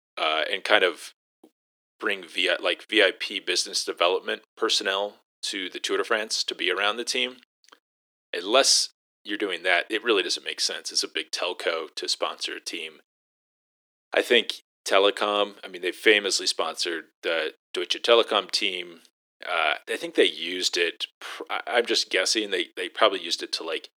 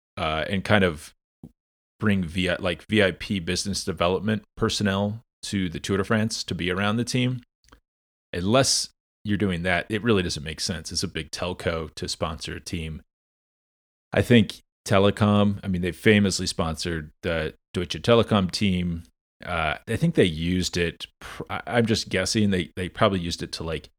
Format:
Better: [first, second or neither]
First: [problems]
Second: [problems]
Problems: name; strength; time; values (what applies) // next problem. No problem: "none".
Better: second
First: thin; very; fading below 350 Hz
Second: none